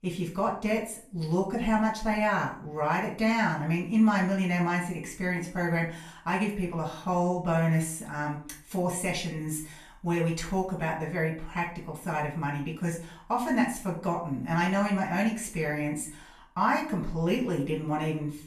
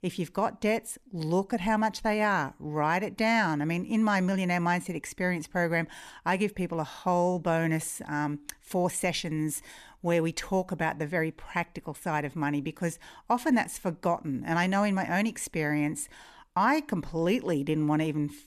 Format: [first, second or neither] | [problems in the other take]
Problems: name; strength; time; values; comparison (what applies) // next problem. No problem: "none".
second | off-mic speech; far // room echo; slight; dies away in 0.4 s